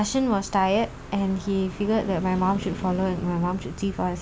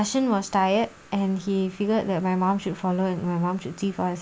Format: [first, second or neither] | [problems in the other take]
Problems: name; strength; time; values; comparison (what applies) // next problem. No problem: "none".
second | background sound (Idling / Accelerating, revving, vroom / Car + Traffic noise, roadway noise); 12 dB below the speech